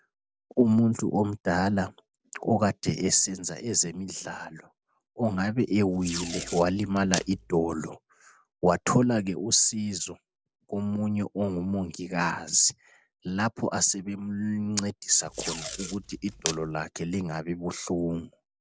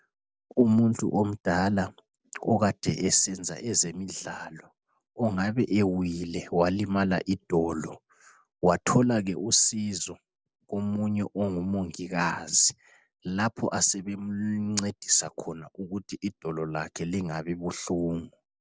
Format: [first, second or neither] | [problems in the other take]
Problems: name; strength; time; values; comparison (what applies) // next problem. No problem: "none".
second | background sound (Packing tape, duct tape); 9 dB below the speech